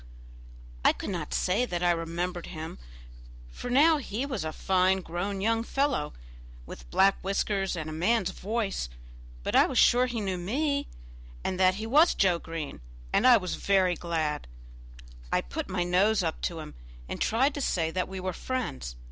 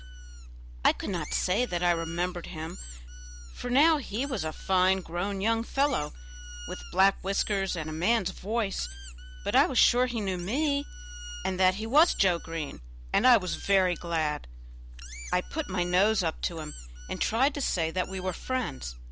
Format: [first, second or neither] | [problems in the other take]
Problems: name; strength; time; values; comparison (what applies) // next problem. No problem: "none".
first | background sound (Squeak); 19 dB below the speech